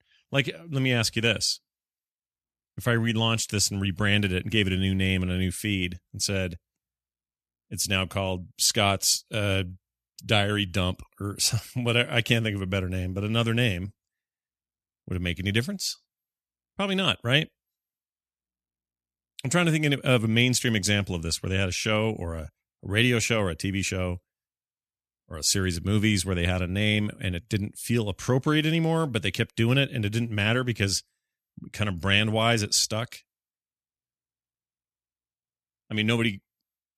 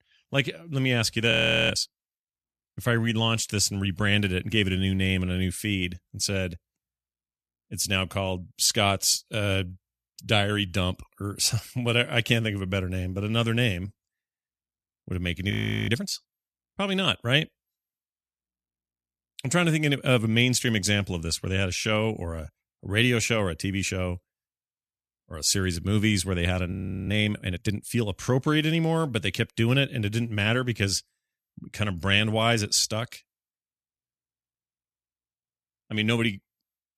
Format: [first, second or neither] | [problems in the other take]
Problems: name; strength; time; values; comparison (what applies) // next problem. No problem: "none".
first | audio freezing; at 1.5 s, at 16 s and at 27 s